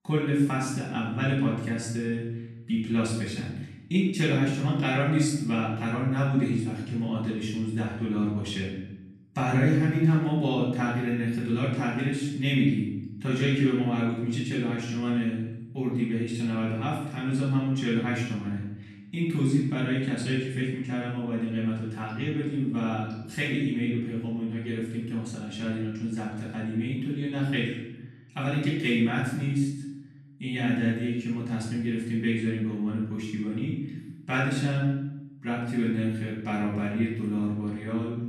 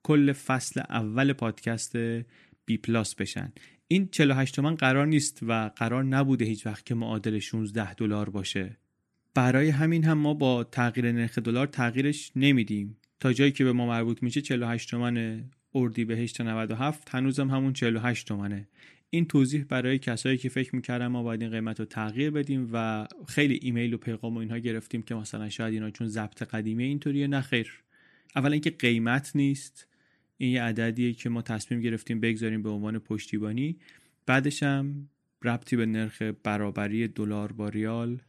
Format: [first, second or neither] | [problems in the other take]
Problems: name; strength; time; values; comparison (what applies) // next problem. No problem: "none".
second | off-mic speech; far // room echo; noticeable; dies away in 0.8 s